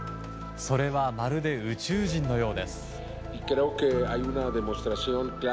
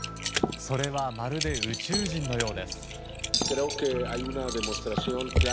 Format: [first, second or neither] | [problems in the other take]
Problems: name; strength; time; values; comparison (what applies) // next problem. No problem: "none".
first | background sound (Cutlery, silverware + Typing); 1 dB below the speech